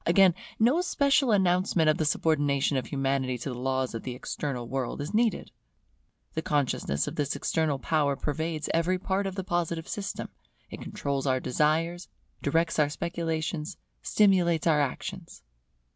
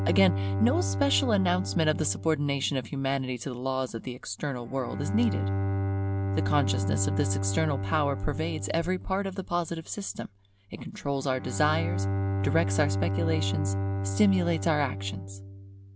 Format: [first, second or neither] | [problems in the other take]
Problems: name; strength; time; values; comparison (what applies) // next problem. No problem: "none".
first | background sound (Bowed string instrument); 2 dB below the speech